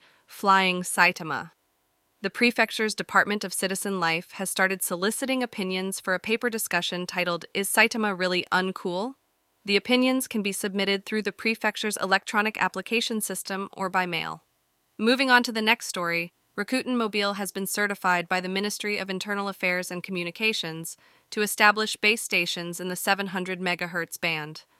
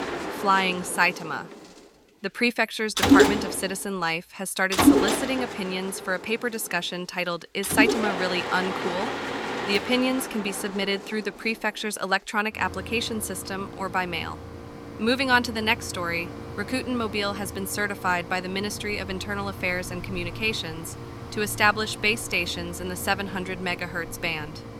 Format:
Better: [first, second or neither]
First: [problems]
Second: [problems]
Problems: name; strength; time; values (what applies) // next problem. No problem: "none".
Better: first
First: none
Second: machinery noise; loud; throughout; 3 dB below the speech